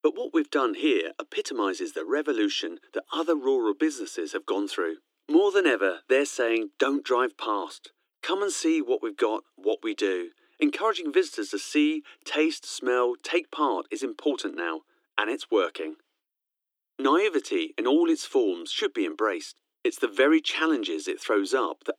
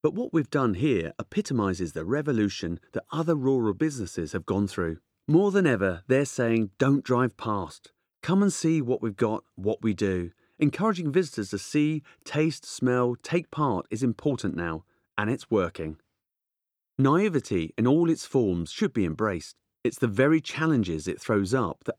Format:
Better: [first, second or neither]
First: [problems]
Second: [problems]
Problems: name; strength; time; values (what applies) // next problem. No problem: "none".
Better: second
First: thin; somewhat; fading below 300 Hz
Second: none